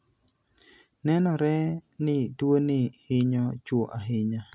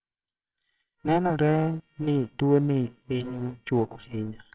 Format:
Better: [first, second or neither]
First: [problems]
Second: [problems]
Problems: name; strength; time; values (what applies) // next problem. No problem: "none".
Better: first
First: none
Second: noise reduction (neural separator model SepFormer WHAMR!)